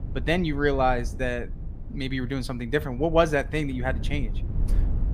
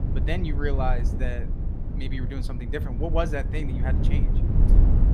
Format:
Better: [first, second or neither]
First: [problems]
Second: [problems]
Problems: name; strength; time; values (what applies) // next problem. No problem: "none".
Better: first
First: low rumble; faint; throughout; 20 dB below the speech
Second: low rumble; loud; throughout; 7 dB below the speech